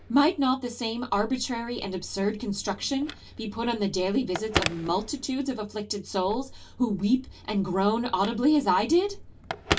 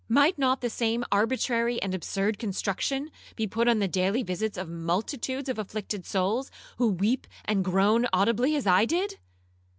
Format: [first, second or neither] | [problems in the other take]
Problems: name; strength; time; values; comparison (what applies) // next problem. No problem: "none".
second | background sound (Telephone); 11 dB below the speech // room echo; dies away in 0.2 s